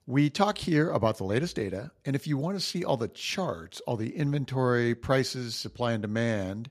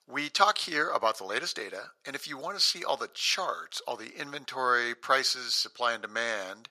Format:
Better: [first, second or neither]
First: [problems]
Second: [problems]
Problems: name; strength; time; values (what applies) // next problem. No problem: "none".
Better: first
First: none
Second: thin; very; fading below 800 Hz